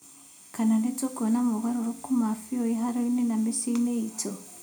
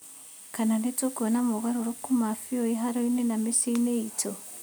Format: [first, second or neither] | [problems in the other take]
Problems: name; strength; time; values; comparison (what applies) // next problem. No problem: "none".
second | room echo; dies away in 0.3 s